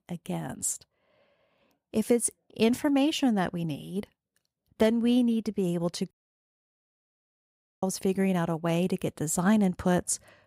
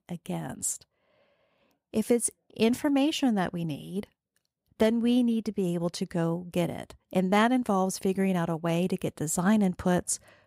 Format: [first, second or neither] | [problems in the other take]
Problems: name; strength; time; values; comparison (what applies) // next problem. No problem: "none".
second | audio cutting out; at 6 s for 1.5 s